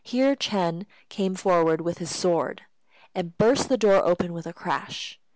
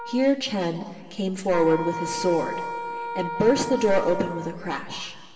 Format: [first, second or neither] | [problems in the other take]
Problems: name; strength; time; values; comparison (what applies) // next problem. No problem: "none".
first | background sound (Wind instrument, woodwind instrument); 9 dB below the speech // room echo; dies away in 2.2 s